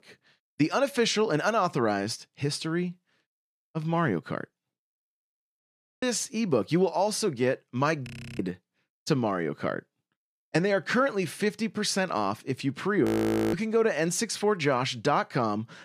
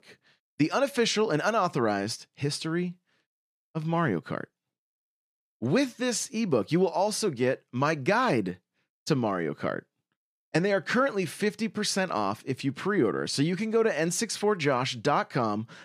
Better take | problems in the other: second | audio freezing; at 5.5 s, at 8 s and at 13 s

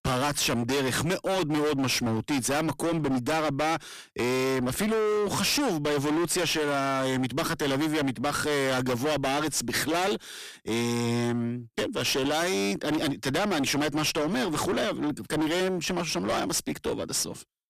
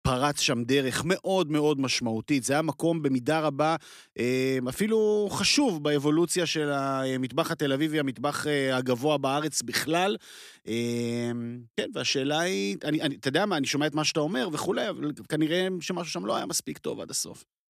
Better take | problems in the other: second | distortion; heavy; 33% of the sound clipped

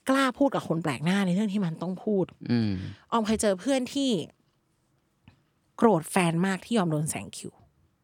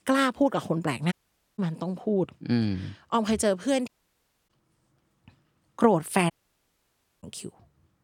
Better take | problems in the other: first | audio cutting out; at 1 s, at 4 s for 0.5 s and at 6.5 s for 1 s

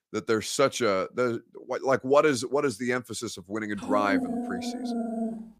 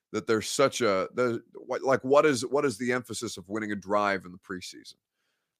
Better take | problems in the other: second | dog barking; noticeable; from 4 s on; peak 2 dB below the speech

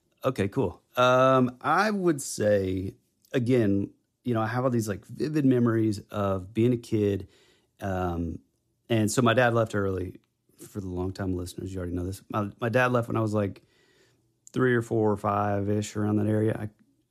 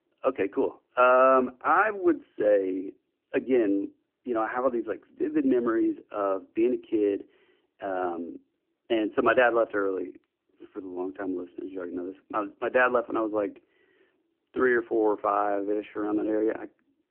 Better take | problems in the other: first | phone-call audio

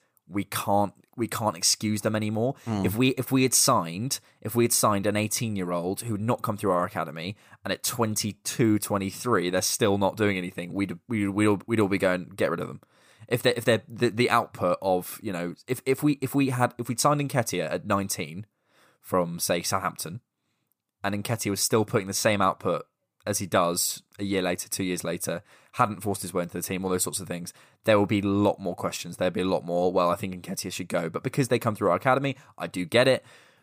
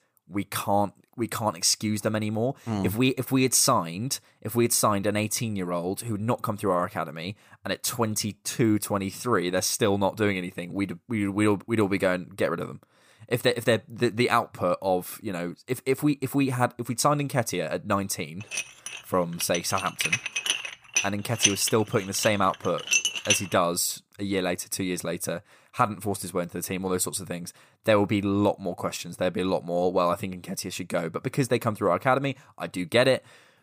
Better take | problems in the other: first | clattering dishes; loud; from 19 to 23 s; peak 4 dB above the speech

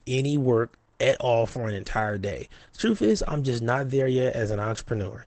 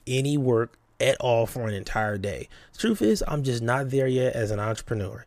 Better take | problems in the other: second | garbled, watery; badly; nothing above 8 kHz

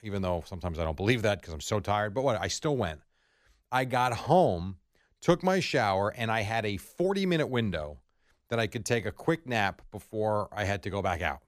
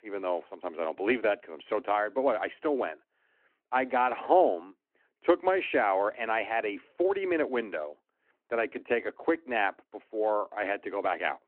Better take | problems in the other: first | phone-call audio

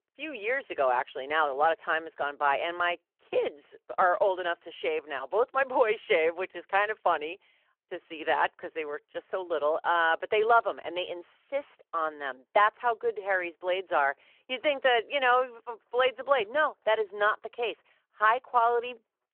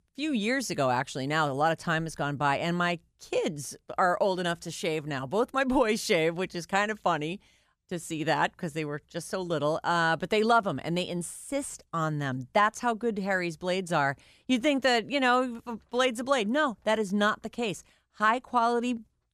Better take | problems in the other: second | phone-call audio

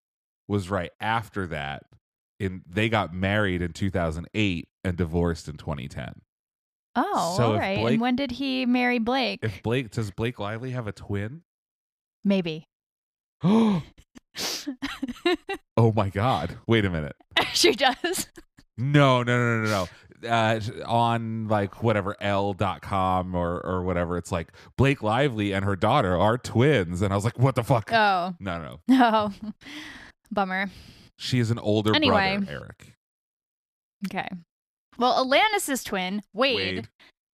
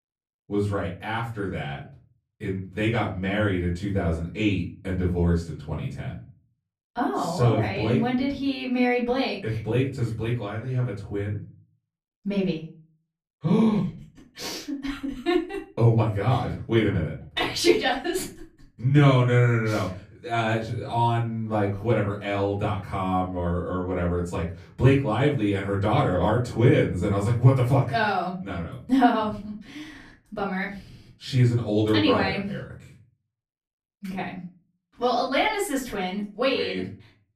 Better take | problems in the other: first | off-mic speech; far // room echo; slight; dies away in 0.3 s

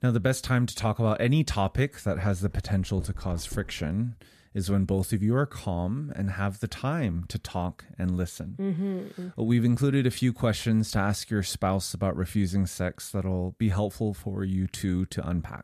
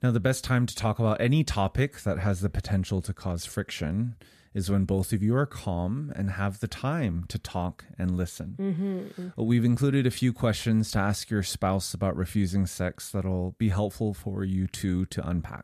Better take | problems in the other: second | dog barking; faint; from 2.5 to 4 s; peak 15 dB below the speech

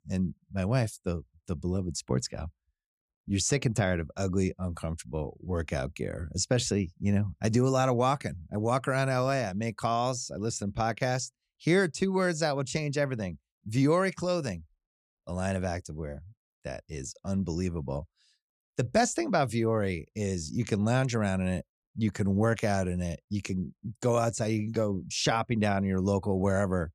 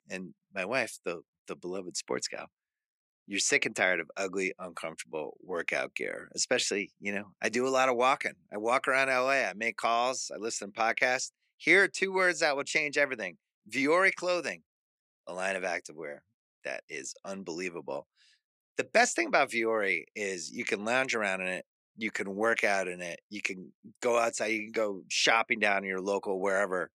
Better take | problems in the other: first | thin; somewhat; fading below 300 Hz

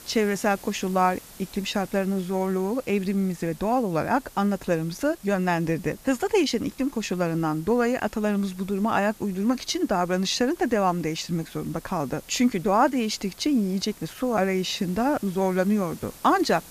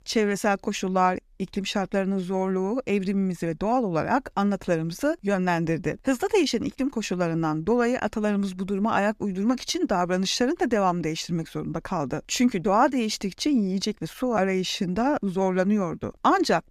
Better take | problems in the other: second | hiss; faint; throughout; 20 dB below the speech

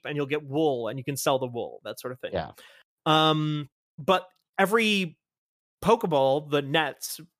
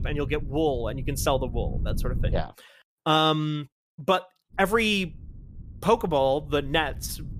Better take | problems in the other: first | wind noise on the microphone; occasional gusts; until 2.5 s and from 4.5 s on; 25 dB below the speech

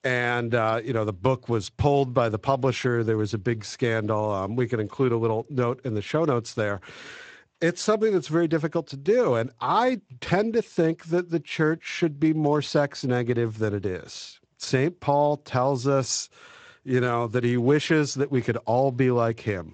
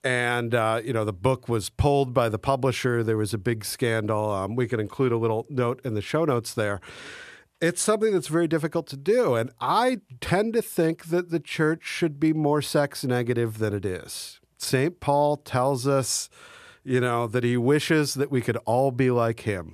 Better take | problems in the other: second | garbled, watery; slightly; nothing above 7.5 kHz

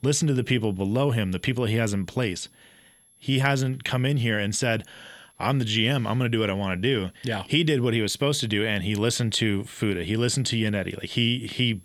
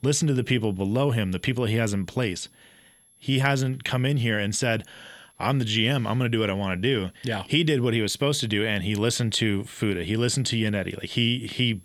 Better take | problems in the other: neither | high-pitched whine; faint; throughout; 11 kHz, 30 dB below the speech; the same in both

